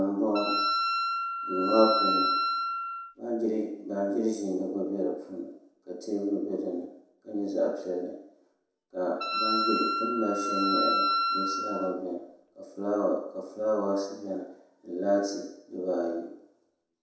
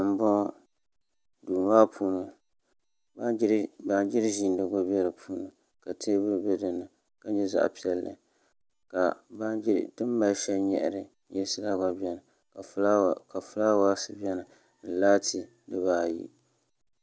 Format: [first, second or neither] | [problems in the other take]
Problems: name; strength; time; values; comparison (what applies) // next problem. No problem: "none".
second | background sound (Wind instrument, woodwind instrument); 2 dB above the speech // room echo; dies away in 0.7 s